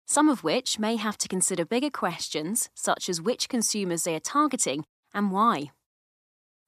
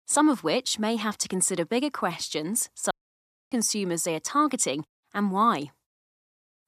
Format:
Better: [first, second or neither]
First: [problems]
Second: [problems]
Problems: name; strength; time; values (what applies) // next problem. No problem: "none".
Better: first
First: none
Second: audio cutting out; at 3 s for 0.5 s